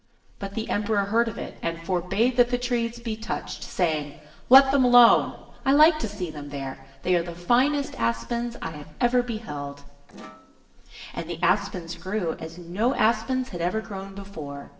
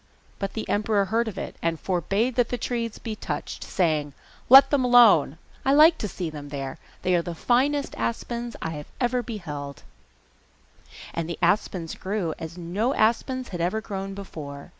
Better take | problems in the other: second | noise reduction (neural separator model SepFormer DNS4)

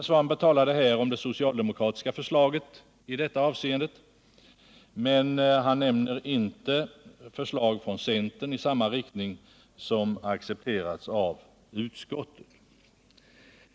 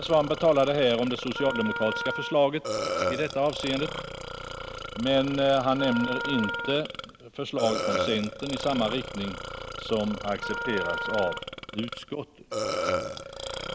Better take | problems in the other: first | background sound (Burping, eructation + Wind instrument, woodwind instrument); 5 dB below the speech

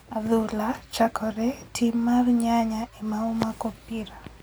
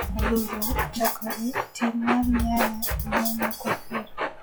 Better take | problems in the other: first | noise reduction (classical method log-MMSE)

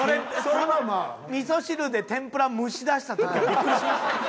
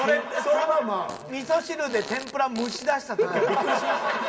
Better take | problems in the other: first | background sound (Fart); 17 dB below the speech // room echo; dies away in 1.9 s

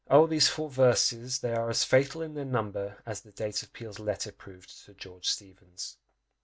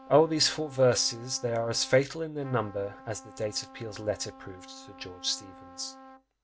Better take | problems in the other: first | background sound (Trumpet); 20 dB below the speech

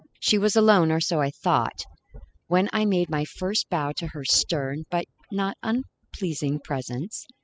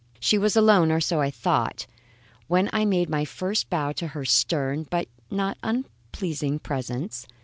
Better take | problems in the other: second | noise reduction (classical method spectral subtraction)

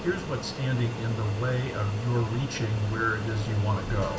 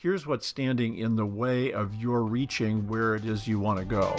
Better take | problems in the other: second | background sound (Fixed-wing aircraft, airplane); 8 dB below the speech // room echo; dies away in 0.4 s

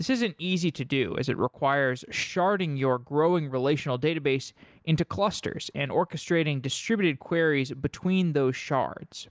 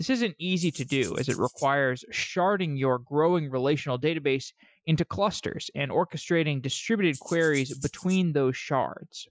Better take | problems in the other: first | noise reduction (classical method Wiener filter)

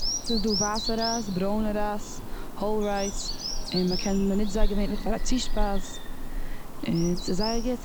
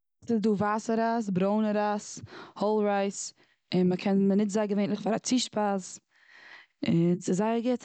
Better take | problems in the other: second | background sound (Bird vocalization, bird call, bird song); 1 dB above the speech

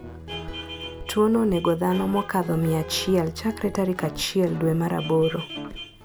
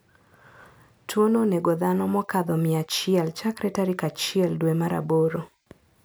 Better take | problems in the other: second | background sound (Vehicle horn, car horn, honking + Guitar); 13 dB below the speech

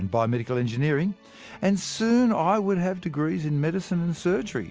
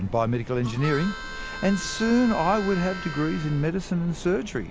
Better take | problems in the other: first | background sound (Harmonica + Subway, metro, underground); 11 dB below the speech

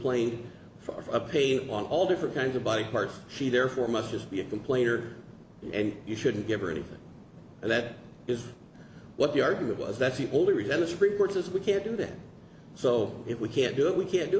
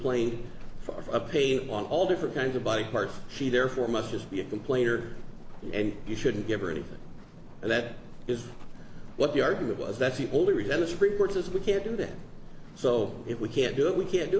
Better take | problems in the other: first | background sound (Walk, footsteps); 11 dB below the speech

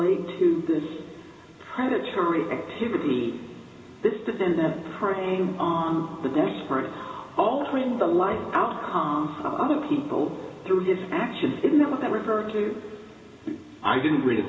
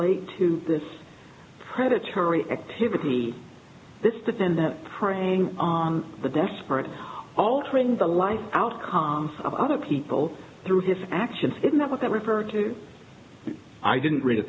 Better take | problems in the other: second | room echo; dies away in 2.1 s

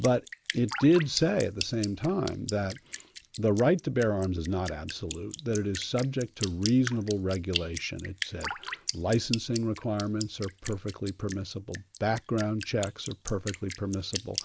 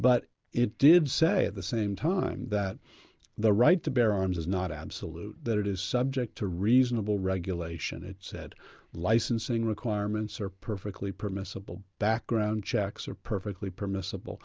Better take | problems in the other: second | background sound (Drip); 11 dB below the speech

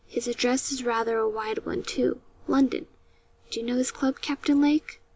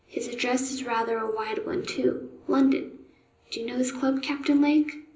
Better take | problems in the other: first | room echo; dies away in 0.5 s

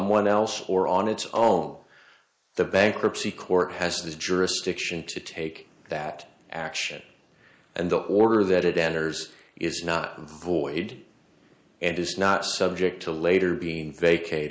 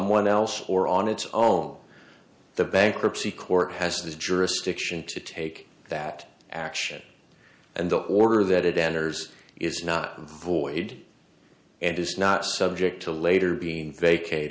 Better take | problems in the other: second | noise reduction (neural mask model Resemble Enhance denoiser)

